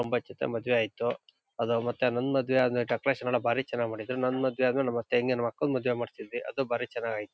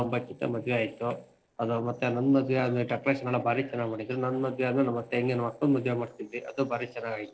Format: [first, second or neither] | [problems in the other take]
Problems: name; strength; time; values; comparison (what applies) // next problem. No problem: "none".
first | noise reduction (neural separator model SepFormer DNS4)